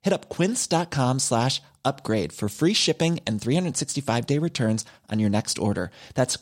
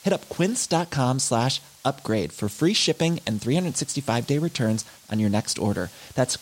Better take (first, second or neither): first